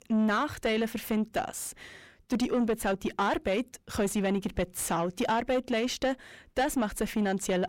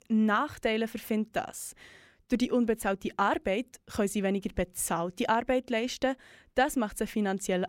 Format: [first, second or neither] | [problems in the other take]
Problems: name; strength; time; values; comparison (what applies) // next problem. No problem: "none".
second | distortion; slight; 9 dB below the speech